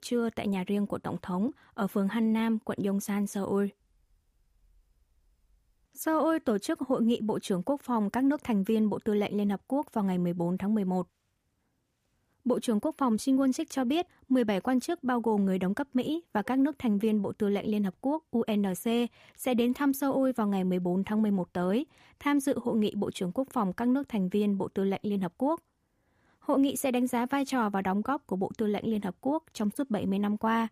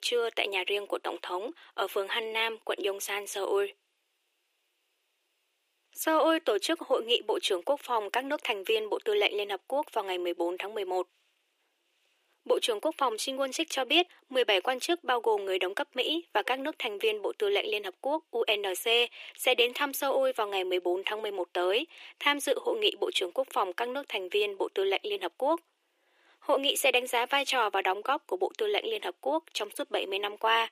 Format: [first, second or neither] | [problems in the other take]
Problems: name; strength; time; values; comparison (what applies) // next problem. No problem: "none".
first | thin; very; fading below 350 Hz